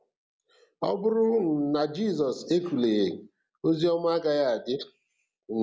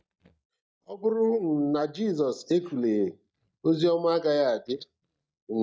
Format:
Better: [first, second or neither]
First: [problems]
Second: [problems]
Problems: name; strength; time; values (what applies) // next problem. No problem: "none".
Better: first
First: none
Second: noise reduction (neural mask model DeepFilterNet 3)